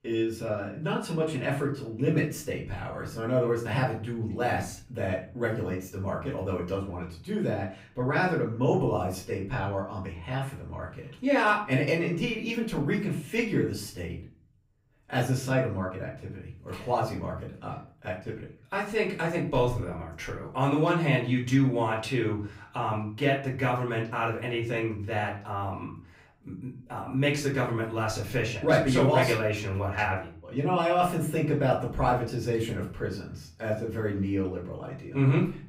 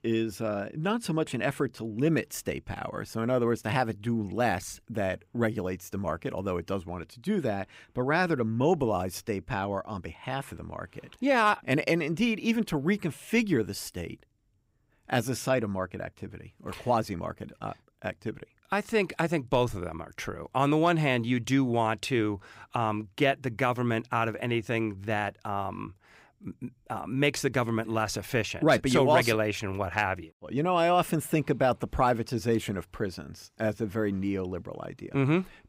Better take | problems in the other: second | off-mic speech; far // room echo; slight; dies away in 0.4 s

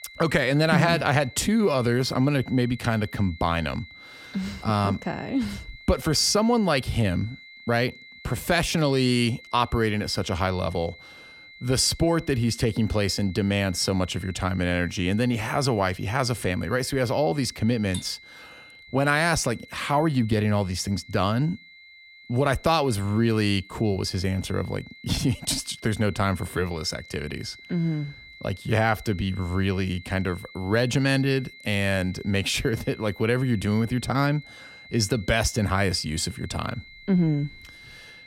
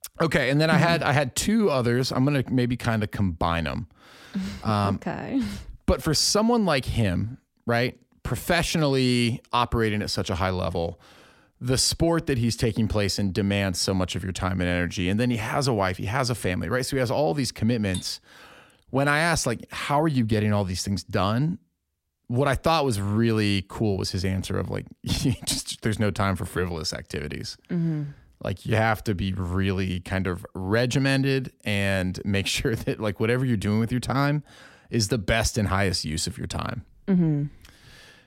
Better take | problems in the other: second | high-pitched whine; noticeable; throughout; 2 kHz, 20 dB below the speech

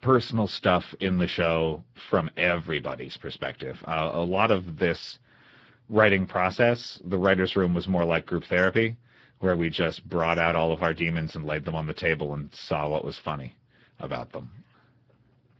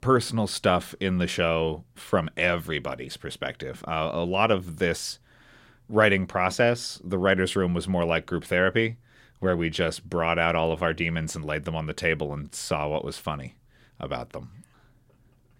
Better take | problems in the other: second | garbled, watery; badly

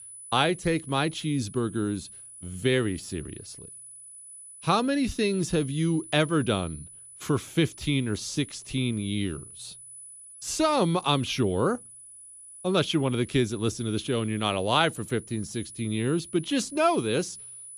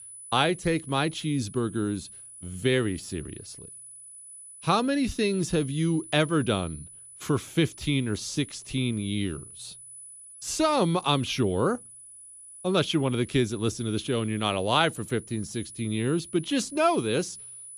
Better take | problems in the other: neither | high-pitched whine; noticeable; throughout; 10 kHz, 15 dB below the speech; the same in both

